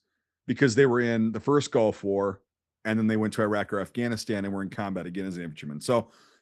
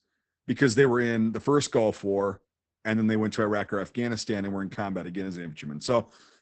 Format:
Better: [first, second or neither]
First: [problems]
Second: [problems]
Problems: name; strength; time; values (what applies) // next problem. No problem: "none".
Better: first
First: garbled, watery; slightly; nothing above 15.5 kHz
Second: garbled, watery; badly; nothing above 8 kHz